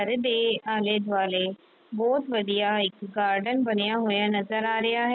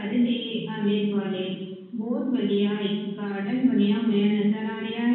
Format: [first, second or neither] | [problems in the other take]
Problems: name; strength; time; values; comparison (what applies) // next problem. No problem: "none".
first | room echo; dies away in 1.2 s